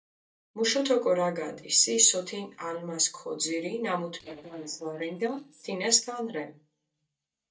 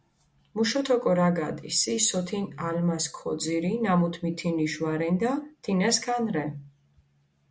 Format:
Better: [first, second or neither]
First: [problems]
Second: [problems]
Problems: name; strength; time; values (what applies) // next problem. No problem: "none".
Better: second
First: noise reduction (neural mask model DeepFilterNet 3)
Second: none